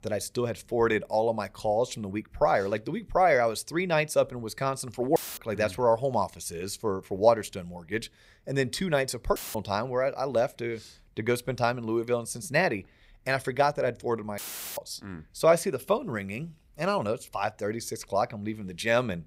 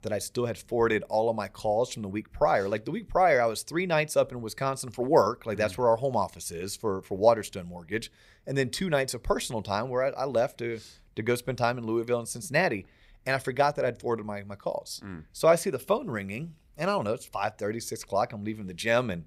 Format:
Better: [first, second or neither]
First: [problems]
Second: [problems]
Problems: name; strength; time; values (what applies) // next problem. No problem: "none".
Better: second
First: audio cutting out; filled with static; at 5 s, at 9.5 s and at 14 s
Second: none